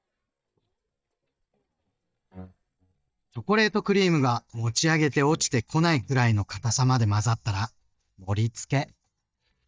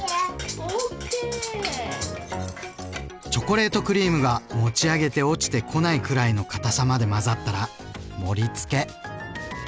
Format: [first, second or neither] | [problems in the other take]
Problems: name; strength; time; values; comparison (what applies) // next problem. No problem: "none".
second | noise reduction (neural mask model DeepFilterNet 3)